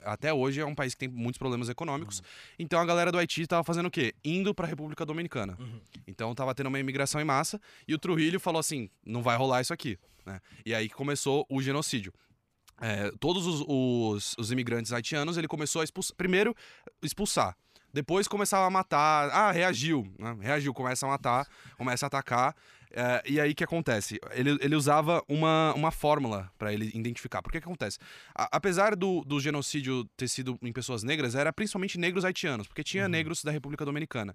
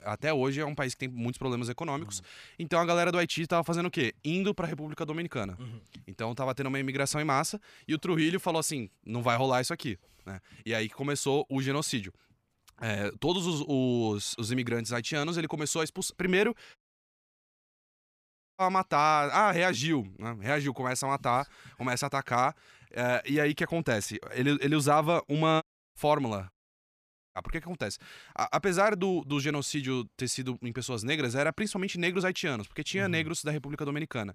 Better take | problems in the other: first | audio cutting out; at 17 s for 2 s, at 26 s and at 27 s for 1 s

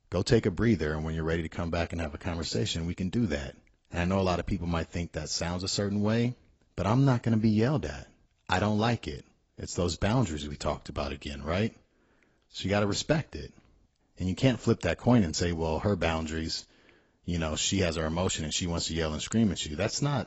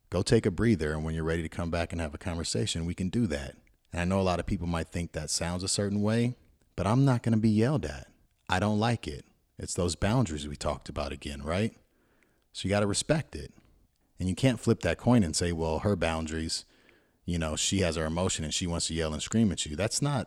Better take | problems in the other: second | garbled, watery; badly; nothing above 7.5 kHz

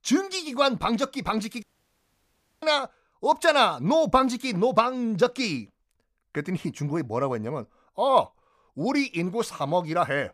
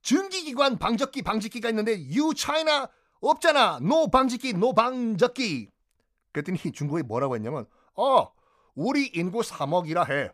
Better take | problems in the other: second | audio cutting out; at 1.5 s for 1 s

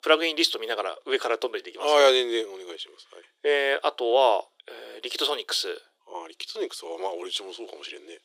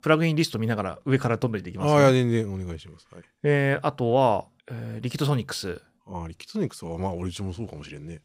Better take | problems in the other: second | thin; very; fading below 350 Hz

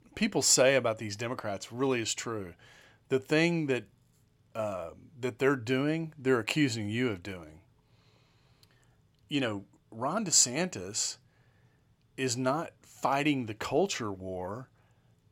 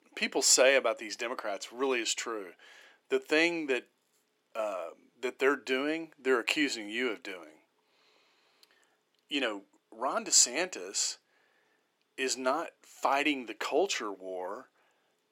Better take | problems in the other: first | thin; very slightly; fading below 300 Hz

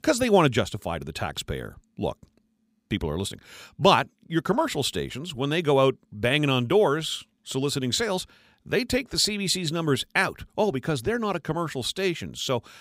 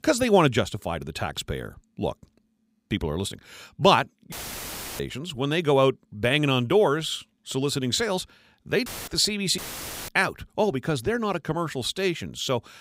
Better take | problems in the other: first | audio cutting out; filled with static; at 4.5 s for 0.5 s, at 9 s and at 9.5 s for 0.5 s

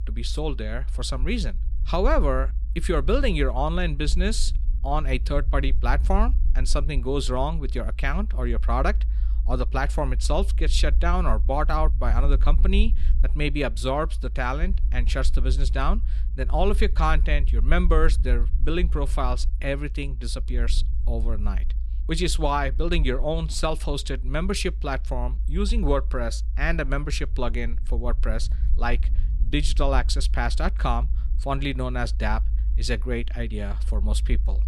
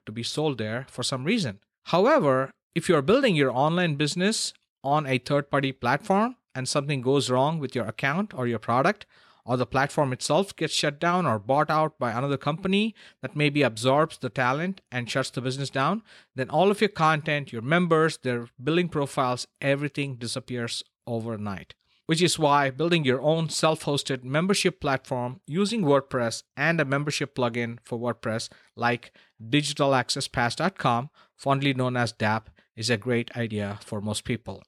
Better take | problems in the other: second | low rumble; faint; throughout; 20 dB below the speech

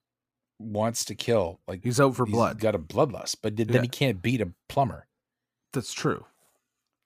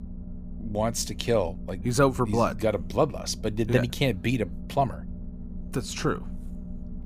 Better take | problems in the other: first | low rumble; faint; throughout; 20 dB below the speech

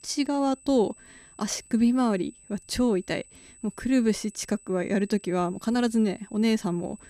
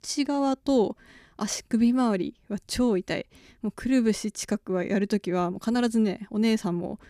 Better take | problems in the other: second | high-pitched whine; faint; throughout; 8 kHz, 25 dB below the speech

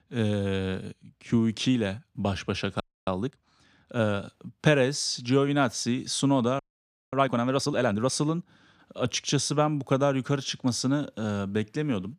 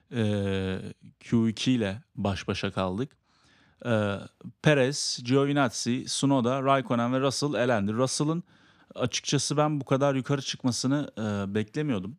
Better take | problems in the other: second | audio freezing; at 3 s and at 6.5 s for 0.5 s

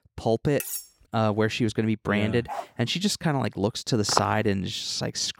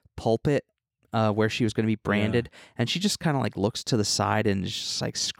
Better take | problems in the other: second | clattering dishes; noticeable; at 0.5 s; peak 6 dB below the speech // dog barking; faint; at 2.5 s; peak 10 dB below the speech // footsteps; noticeable; at 4 s; peak 3 dB below the speech

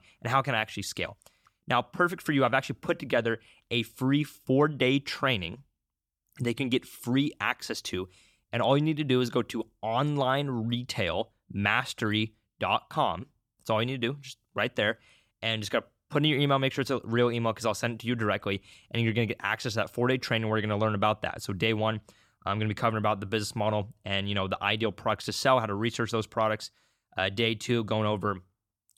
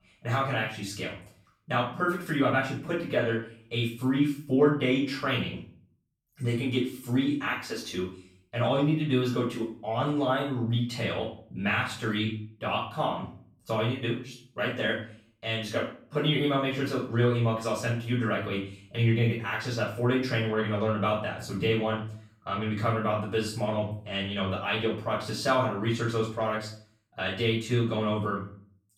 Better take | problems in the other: first | off-mic speech; far // room echo; noticeable; dies away in 0.4 s

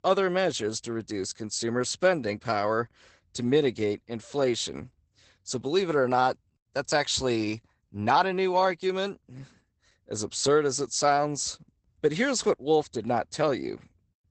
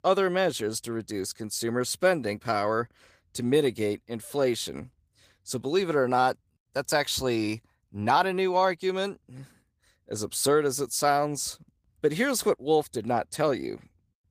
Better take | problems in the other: second | garbled, watery; badly; nothing above 8 kHz; slightly in the second

